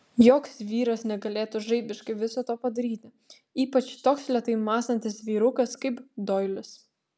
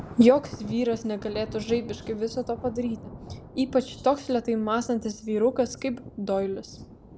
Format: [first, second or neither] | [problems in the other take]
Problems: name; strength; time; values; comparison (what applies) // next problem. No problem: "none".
first | background sound (Thunder); 16 dB below the speech